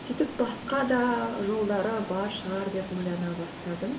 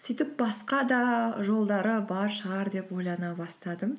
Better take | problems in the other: second | background sound (Water); 11 dB below the speech // room echo; dies away in 1.5 s

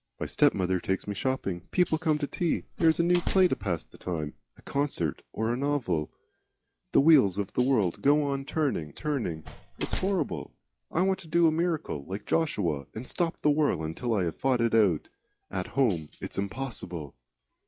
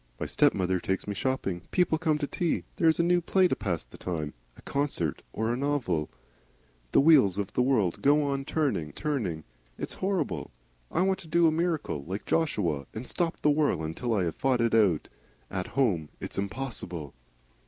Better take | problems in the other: second | noise reduction (classical method log-MMSE)

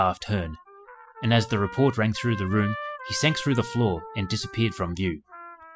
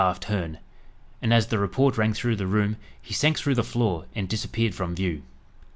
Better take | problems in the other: second | noise reduction (classical method spectral subtraction)

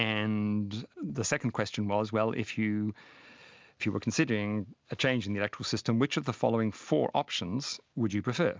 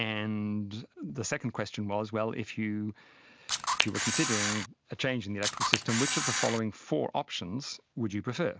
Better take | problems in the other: first | background sound (Camera); 3 dB above the speech

